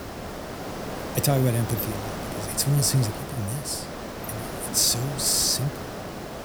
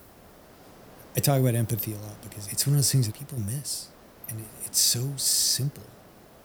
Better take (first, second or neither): second